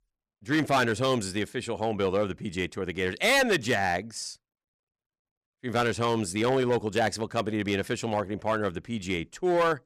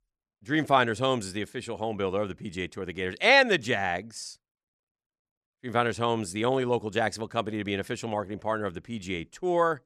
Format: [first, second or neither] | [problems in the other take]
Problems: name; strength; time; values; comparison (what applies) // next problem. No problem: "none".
second | distortion; heavy; 5% of the sound clipped